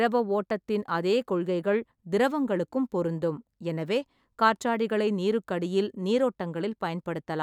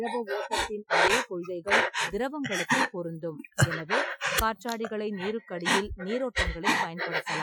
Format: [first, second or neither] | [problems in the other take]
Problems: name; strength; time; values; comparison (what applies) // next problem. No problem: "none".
first | noise reduction (classical method Wiener filter)